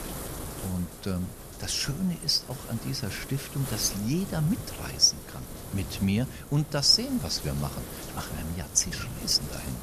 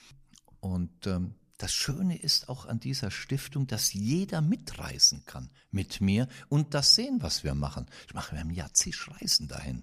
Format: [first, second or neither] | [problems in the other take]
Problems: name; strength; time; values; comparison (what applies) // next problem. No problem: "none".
second | wind noise on the microphone; occasional gusts; 15 dB below the speech